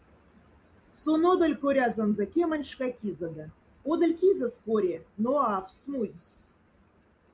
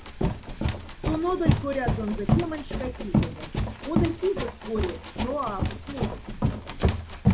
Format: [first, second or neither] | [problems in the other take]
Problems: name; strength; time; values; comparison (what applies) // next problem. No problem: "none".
first | background sound (Run); 4 dB above the speech